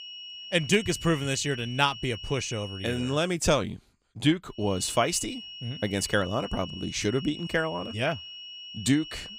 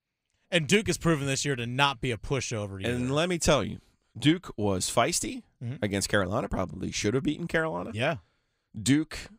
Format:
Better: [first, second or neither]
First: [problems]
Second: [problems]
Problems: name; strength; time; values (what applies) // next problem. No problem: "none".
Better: second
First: high-pitched whine; noticeable; until 3 s and from 4.5 s on; 3 kHz, 10 dB below the speech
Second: none